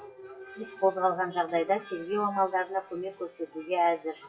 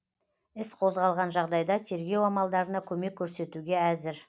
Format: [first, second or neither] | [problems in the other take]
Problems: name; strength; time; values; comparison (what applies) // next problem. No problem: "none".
second | noise reduction (classical method WPE with log-MMSE)